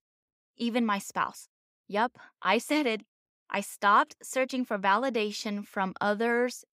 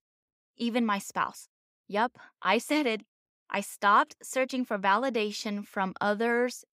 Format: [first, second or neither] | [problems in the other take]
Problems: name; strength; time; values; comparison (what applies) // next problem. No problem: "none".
neither | none